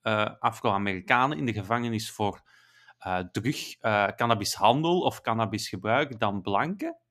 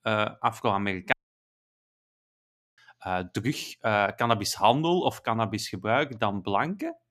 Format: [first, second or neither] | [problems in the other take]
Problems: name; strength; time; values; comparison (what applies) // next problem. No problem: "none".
first | audio cutting out; at 1 s for 1.5 s